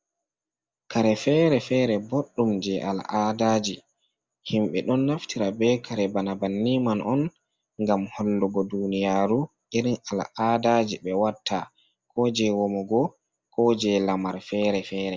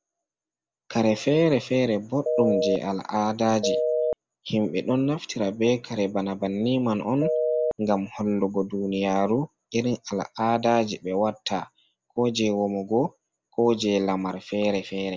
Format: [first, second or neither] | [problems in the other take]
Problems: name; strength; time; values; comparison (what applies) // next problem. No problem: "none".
first | background sound (Telephone); 1 dB below the speech